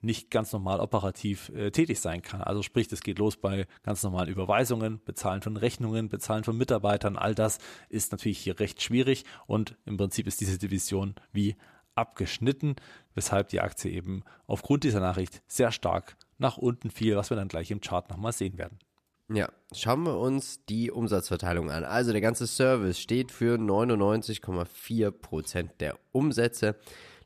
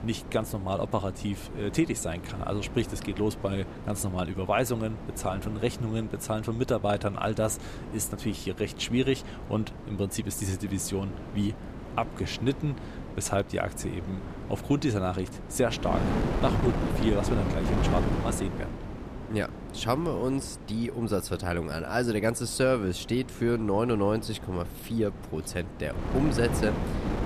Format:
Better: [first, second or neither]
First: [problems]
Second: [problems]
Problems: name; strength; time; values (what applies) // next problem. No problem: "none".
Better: first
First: none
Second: wind noise on the microphone; heavy; 8 dB below the speech